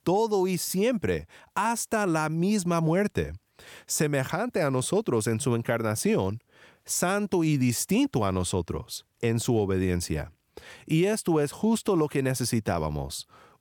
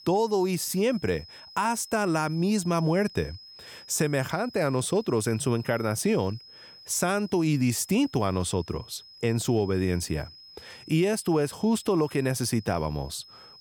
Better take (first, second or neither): first